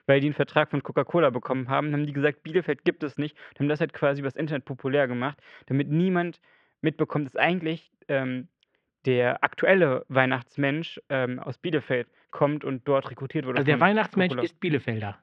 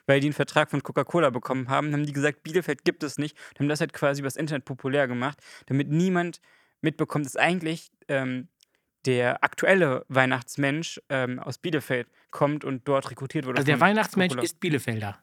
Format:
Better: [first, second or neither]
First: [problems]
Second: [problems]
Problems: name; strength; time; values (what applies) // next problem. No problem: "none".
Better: second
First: muffled; very; fading above 3 kHz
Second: none